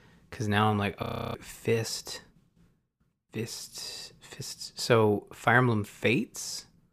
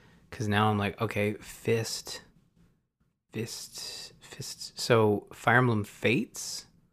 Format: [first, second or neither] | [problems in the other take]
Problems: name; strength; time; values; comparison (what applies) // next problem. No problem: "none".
second | audio freezing; at 1 s